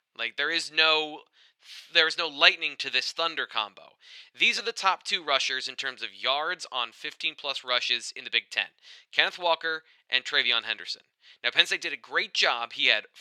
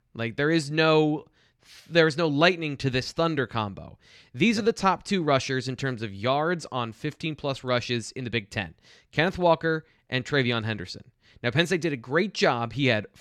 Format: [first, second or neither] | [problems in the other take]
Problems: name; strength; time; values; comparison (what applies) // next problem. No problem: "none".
second | thin; very; fading below 750 Hz